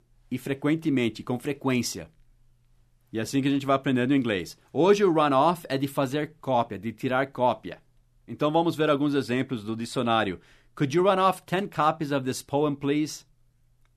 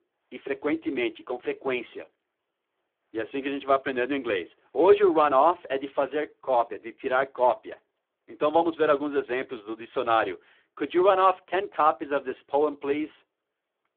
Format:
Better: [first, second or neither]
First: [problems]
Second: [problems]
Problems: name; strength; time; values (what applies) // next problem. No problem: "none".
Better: first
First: none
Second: phone-call audio; poor line